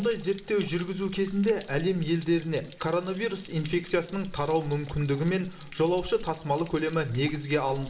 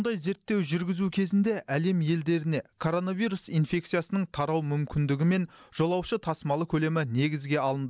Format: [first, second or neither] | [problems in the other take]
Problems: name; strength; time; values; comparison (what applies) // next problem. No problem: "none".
second | background sound (Stream / Trickle, dribble / Splash, splatter); 16 dB below the speech // room echo; dies away in 2 s